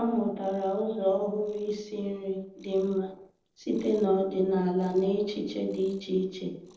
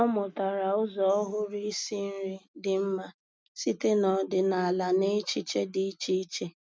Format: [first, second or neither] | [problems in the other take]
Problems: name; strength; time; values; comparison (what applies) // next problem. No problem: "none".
second | noise reduction (neural separator model SepFormer DNS4)